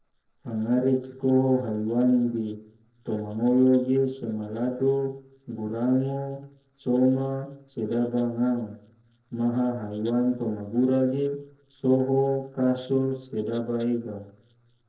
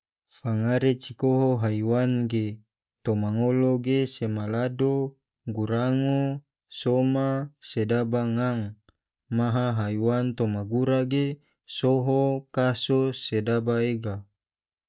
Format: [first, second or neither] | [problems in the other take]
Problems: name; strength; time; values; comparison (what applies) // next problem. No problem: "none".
second | noise reduction (neural separator model SepFormer DNS4)